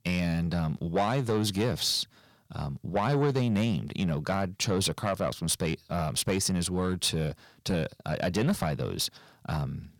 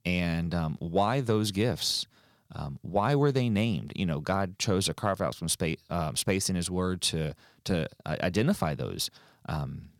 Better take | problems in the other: second | distortion; slight; 10 dB below the speech

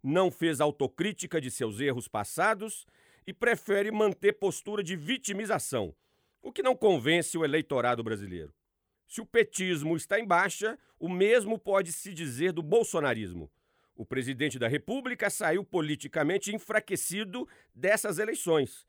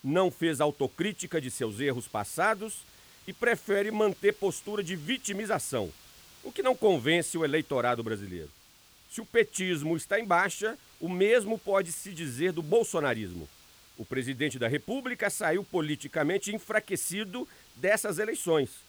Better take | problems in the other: first | hiss; faint; throughout; 25 dB below the speech

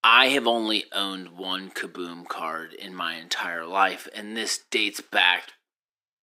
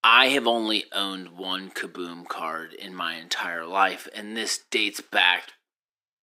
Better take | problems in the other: neither | thin; very; fading below 350 Hz; the same in both

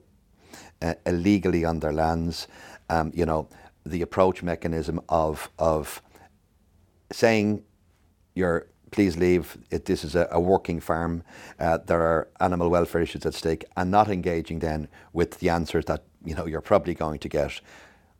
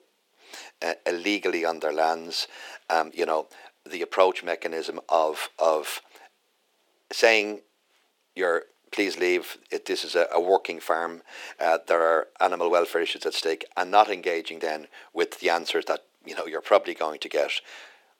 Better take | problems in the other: first | thin; very; fading below 350 Hz

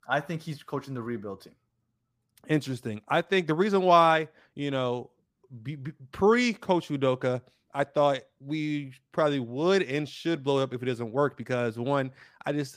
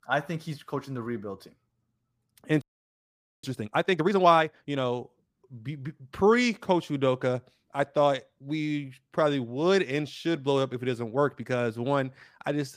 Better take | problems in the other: first | audio freezing; at 2.5 s for 1 s

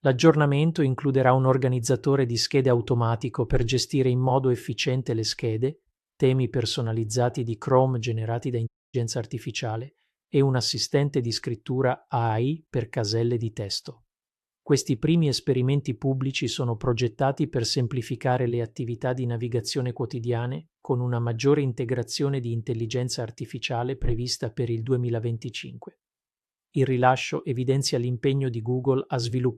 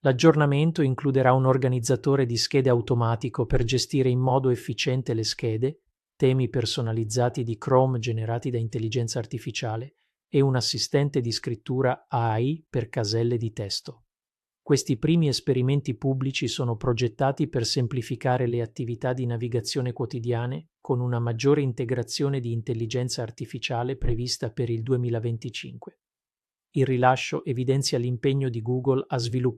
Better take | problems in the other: second | audio cutting out; at 8.5 s

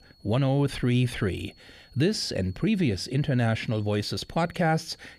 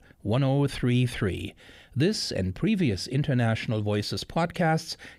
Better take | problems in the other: second | high-pitched whine; faint; throughout; 4.5 kHz, 30 dB below the speech

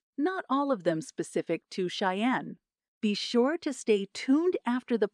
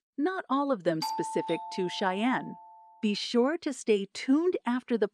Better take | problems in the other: first | doorbell; noticeable; from 1 to 2.5 s; peak 4 dB below the speech

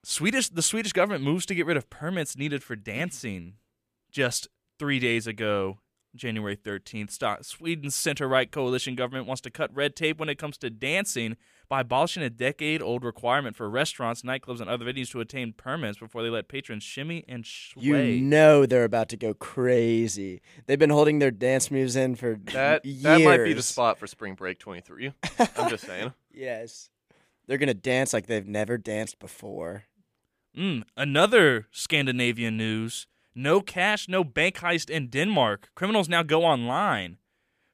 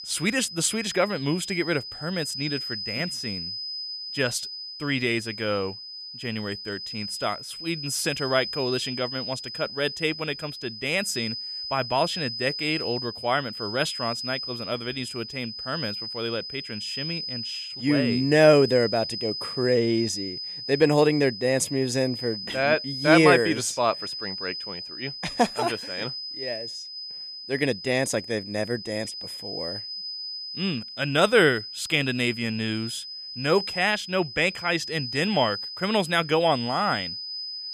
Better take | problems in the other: first | high-pitched whine; loud; throughout; 5 kHz, 7 dB below the speech

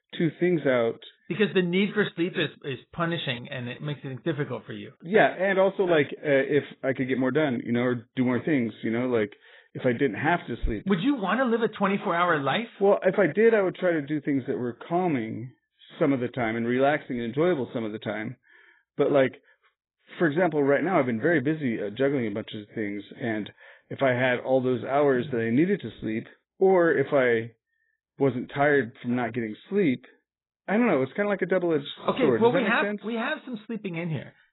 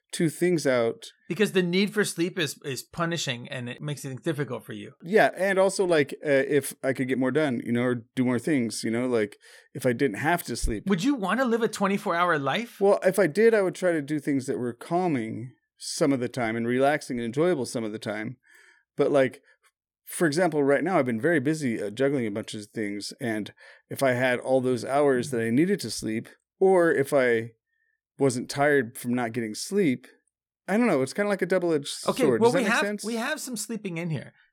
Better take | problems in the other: second | garbled, watery; badly; nothing above 4 kHz

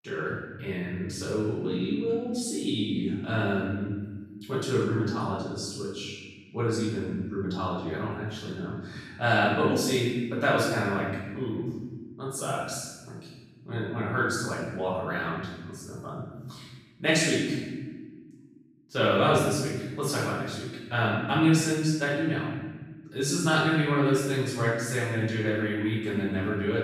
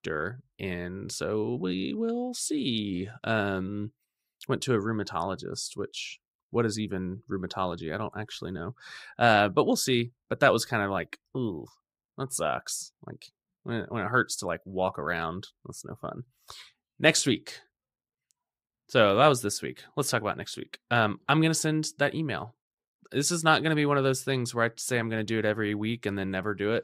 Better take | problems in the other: second | room echo; strong; dies away in 1.3 s // off-mic speech; far

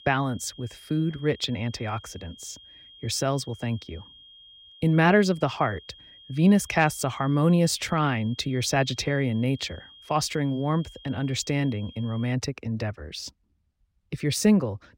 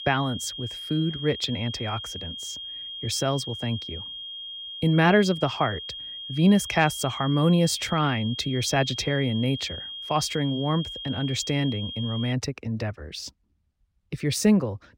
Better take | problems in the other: first | high-pitched whine; loud; until 12 s; 3 kHz, 9 dB below the speech; faint in the first

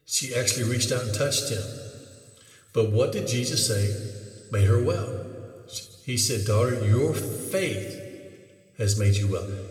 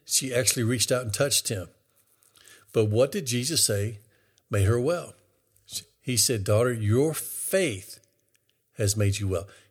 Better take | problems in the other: second | room echo; slight; dies away in 2 s // off-mic speech; somewhat distant

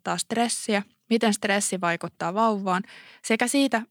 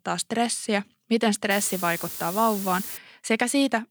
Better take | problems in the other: first | hiss; loud; from 1.5 to 3 s; 6 dB below the speech

